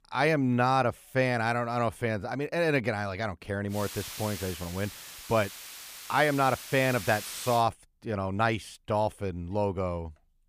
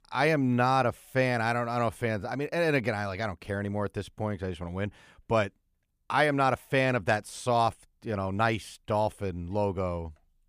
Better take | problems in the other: second | hiss; noticeable; from 3.5 to 7.5 s; 10 dB below the speech

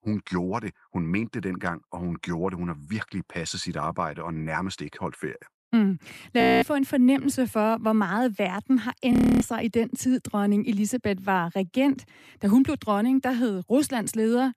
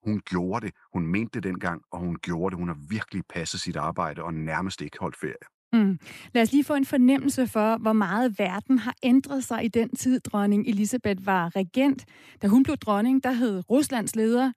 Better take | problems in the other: second | audio freezing; at 6.5 s and at 9 s

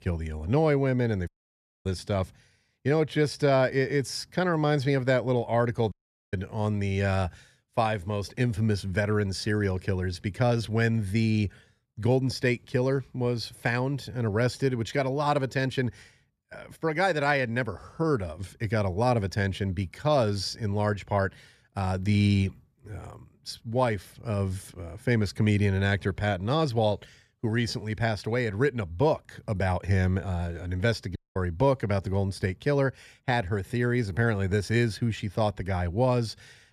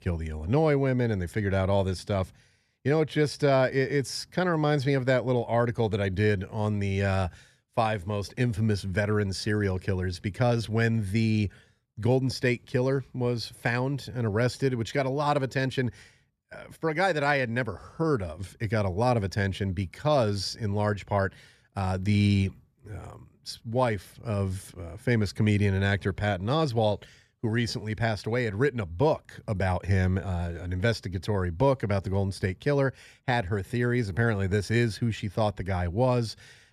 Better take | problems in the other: second | audio cutting out; at 1.5 s for 0.5 s, at 6 s and at 31 s

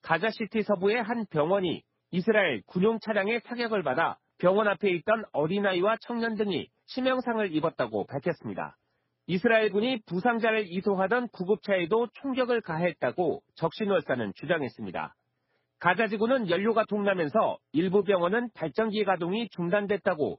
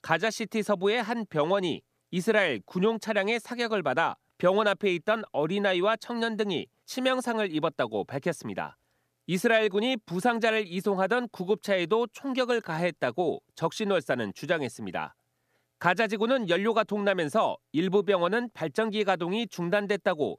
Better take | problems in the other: second | garbled, watery; badly; nothing above 5.5 kHz

